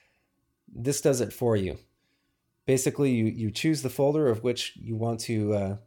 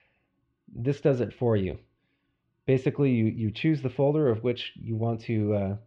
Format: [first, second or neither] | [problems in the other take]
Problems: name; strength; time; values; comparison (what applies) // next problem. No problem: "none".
first | muffled; very; fading above 3 kHz